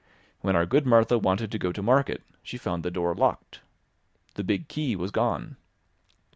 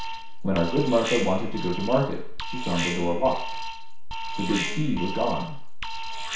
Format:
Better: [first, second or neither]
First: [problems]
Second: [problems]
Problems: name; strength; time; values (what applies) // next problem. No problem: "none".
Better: first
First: none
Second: background sound (Alarm); 1 dB below the speech // room echo; dies away in 0.6 s